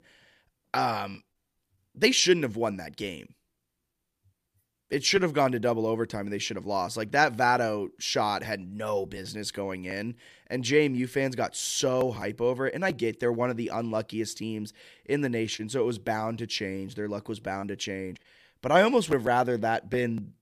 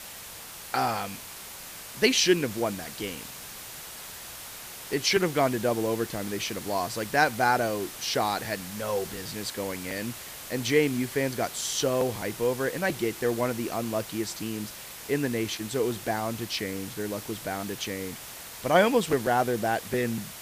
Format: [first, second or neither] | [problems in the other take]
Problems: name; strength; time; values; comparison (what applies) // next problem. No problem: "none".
first | hiss; noticeable; throughout; 10 dB below the speech